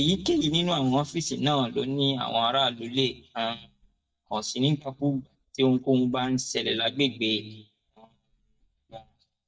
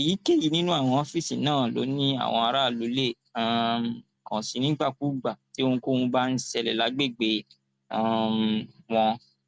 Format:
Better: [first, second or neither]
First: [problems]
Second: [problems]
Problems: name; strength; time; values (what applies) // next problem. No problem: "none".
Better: second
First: noise reduction (neural mask model DeepFilterNet 3)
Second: none